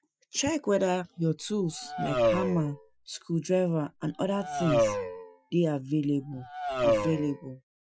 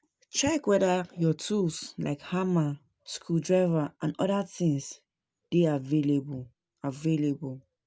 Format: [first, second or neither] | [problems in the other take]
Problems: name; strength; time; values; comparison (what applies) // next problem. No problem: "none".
second | noise reduction (classical method Wiener filter)